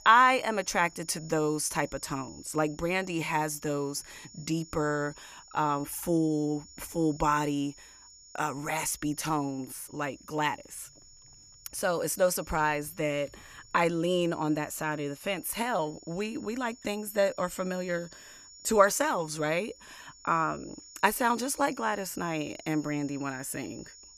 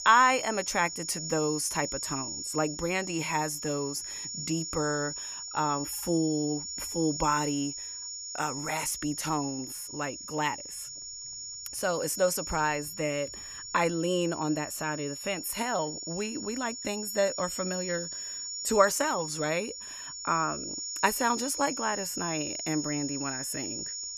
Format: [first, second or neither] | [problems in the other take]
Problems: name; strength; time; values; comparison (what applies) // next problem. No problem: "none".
first | high-pitched whine; loud; throughout; 7 kHz, 5 dB below the speech; faint in the first